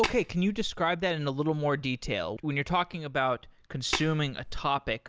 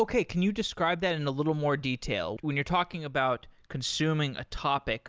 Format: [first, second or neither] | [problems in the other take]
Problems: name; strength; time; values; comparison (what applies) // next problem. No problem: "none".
second | background sound (Tap); 7 dB below the speech